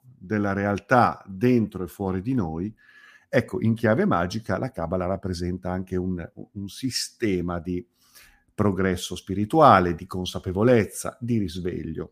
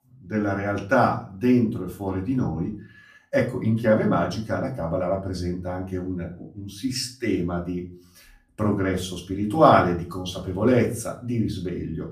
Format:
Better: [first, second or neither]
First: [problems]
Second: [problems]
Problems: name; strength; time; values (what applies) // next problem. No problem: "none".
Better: first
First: none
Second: off-mic speech; far // room echo; slight; dies away in 0.3 s